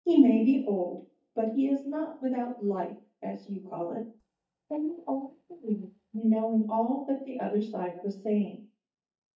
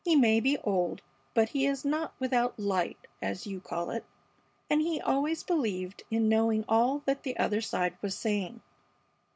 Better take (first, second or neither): second